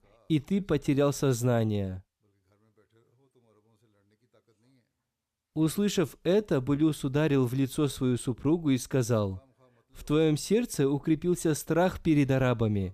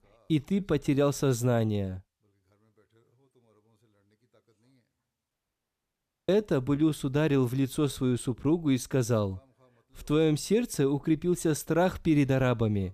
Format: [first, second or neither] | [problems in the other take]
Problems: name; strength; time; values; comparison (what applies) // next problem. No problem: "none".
first | audio cutting out; at 5.5 s for 1 s